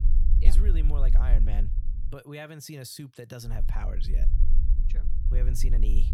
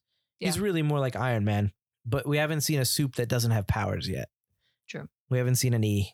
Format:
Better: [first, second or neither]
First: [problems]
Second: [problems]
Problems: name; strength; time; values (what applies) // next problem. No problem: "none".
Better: second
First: low rumble; loud; until 2 s and from 3.5 s on; 7 dB below the speech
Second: none